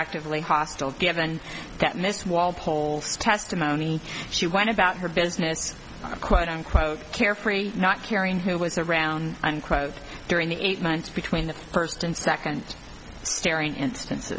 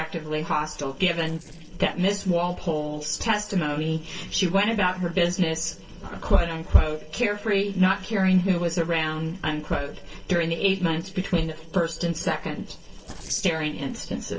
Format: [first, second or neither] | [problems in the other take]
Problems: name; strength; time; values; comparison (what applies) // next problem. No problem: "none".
first | noise reduction (neural separator model SepFormer DNS4)